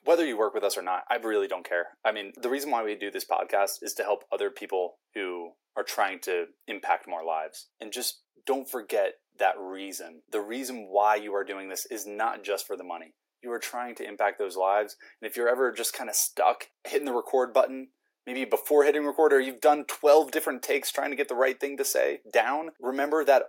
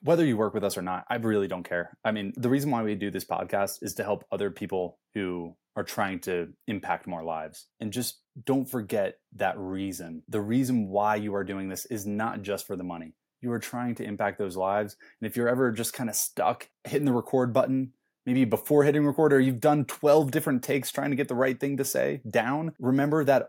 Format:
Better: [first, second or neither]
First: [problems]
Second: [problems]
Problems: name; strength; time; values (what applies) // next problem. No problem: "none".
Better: second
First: thin; somewhat; fading below 350 Hz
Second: none